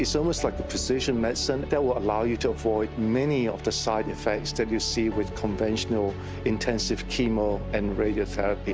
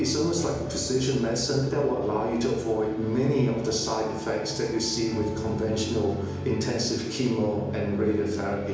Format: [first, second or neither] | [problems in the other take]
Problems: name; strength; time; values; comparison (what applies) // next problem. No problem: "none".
first | room echo; dies away in 1 s